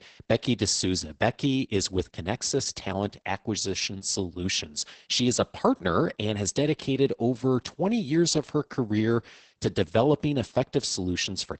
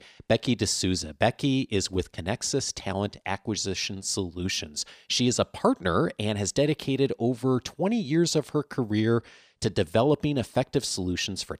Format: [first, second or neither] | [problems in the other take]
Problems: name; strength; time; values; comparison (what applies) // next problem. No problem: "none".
second | garbled, watery; badly; nothing above 8 kHz